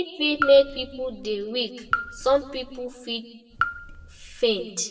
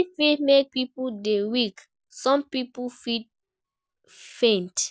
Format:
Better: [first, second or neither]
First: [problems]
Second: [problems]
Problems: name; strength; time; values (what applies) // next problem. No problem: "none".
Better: second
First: background sound (Raindrop / Drip); 8 dB below the speech // room echo; dies away in 0.8 s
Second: none